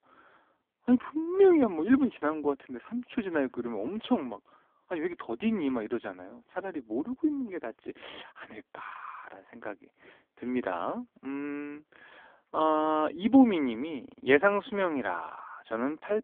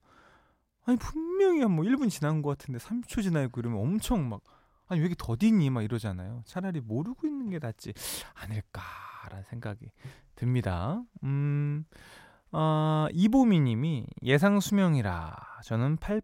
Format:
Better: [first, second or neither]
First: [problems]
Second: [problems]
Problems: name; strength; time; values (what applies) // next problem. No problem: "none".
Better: second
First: phone-call audio; poor line; nothing above 3.5 kHz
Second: none